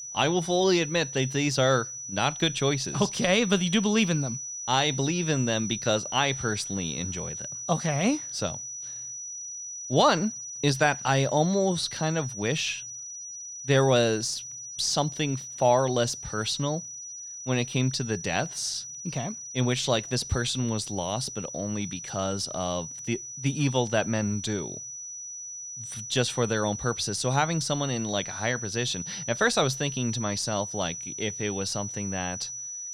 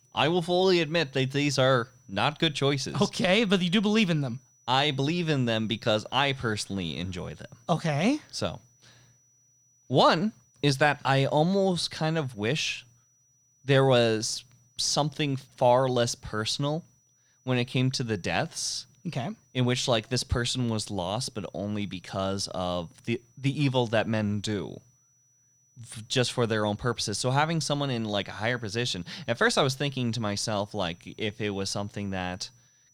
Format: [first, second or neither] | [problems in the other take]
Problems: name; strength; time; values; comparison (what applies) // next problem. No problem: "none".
second | high-pitched whine; loud; throughout; 6 kHz, 8 dB below the speech; faint in the second